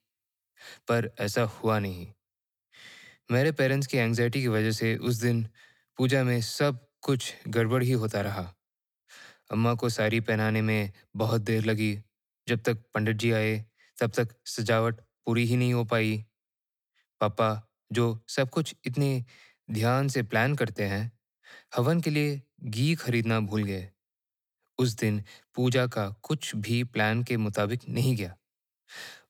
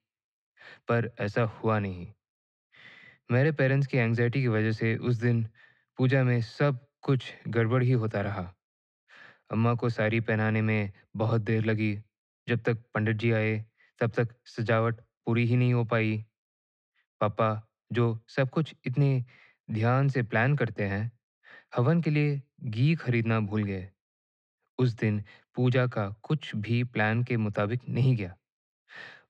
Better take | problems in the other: first | muffled; slightly; fading above 2.5 kHz

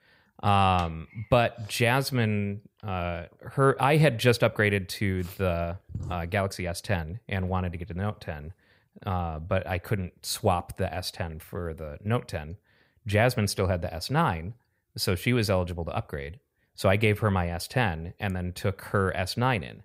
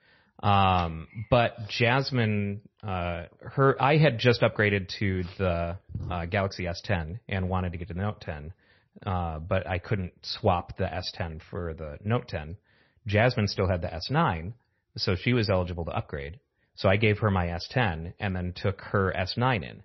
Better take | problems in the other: first | garbled, watery; slightly; nothing above 5.5 kHz

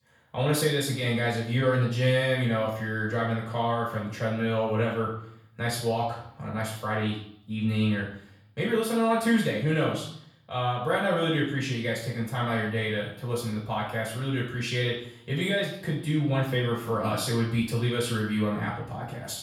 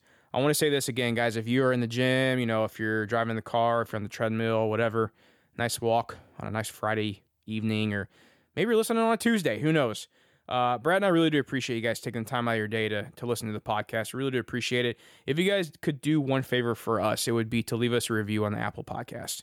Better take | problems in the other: second | off-mic speech; far // room echo; noticeable; dies away in 0.6 s

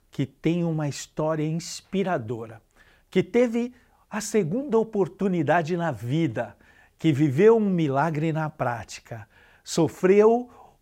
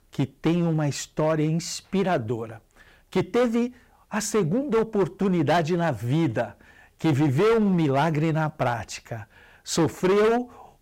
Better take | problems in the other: first | distortion; heavy; 10% of the sound clipped

